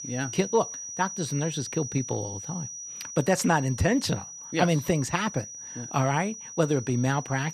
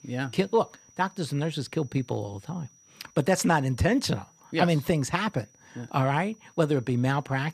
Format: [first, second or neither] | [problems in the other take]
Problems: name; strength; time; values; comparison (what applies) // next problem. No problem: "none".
second | high-pitched whine; loud; throughout; 6 kHz, 9 dB below the speech; faint in the second